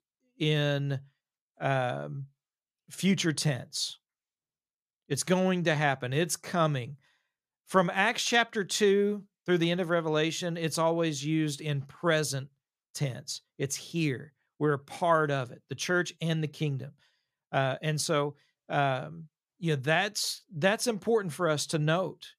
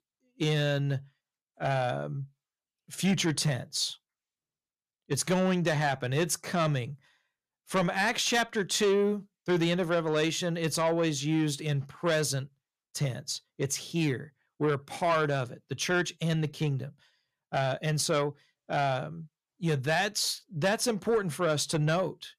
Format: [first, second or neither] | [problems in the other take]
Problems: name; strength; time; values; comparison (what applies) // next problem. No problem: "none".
first | distortion; slight; 10 dB below the speech